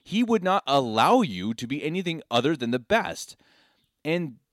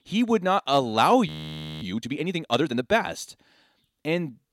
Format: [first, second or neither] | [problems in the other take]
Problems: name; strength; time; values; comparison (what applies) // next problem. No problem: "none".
first | audio freezing; at 1.5 s for 0.5 s